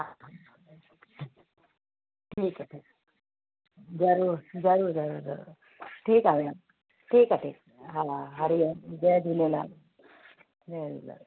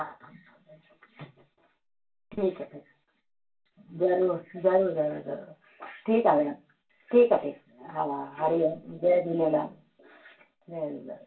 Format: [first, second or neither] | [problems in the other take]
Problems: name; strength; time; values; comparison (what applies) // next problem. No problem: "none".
first | room echo; dies away in 0.2 s